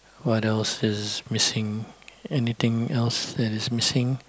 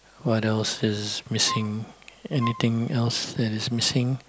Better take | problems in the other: first | background sound (Wind instrument, woodwind instrument); 10 dB below the speech

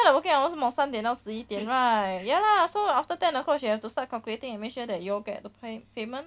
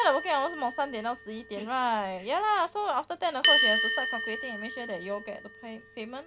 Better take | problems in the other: first | background sound (Bell); 2 dB below the speech

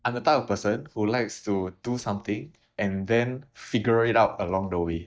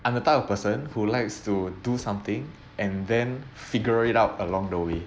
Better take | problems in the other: second | noise reduction (neural mask model DeepFilterNet 3)

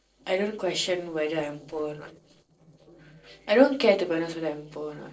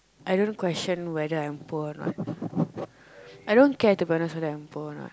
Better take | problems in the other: second | noise reduction (neural separator model SepFormer DNS4)

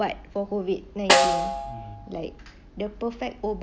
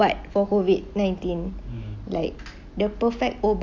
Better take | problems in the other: second | background sound (Snare drum); 5 dB above the speech

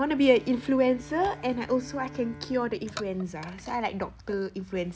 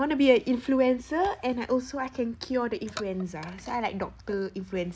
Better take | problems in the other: second | background sound (Bowed string instrument); 20 dB below the speech

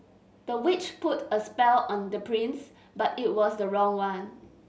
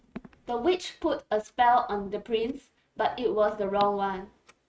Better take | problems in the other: first | noise reduction (neural mask model RNNoise)

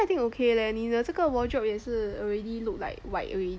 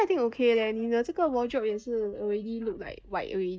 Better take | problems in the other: first | noise reduction (neural mask model DeepFilterNet 3)

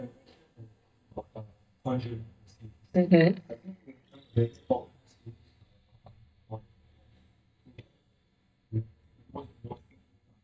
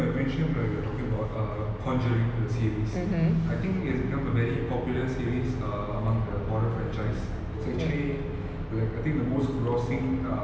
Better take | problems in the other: second | noise reduction (neural mask model DeepFilterNet 3)

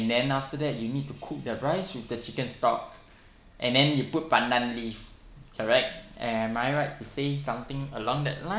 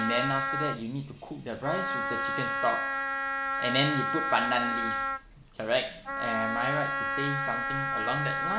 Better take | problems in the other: first | background sound (Wind instrument, woodwind instrument); 1 dB above the speech

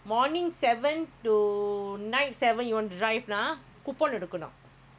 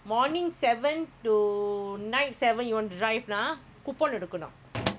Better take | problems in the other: first | background sound (Drawer open or close); 15 dB below the speech

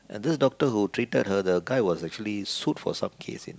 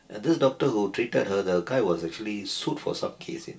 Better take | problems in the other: first | room echo; dies away in 0.2 s

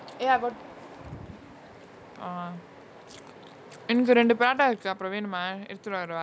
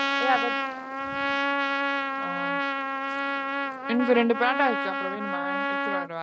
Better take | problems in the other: first | noise reduction (neural mask model RNNoise)

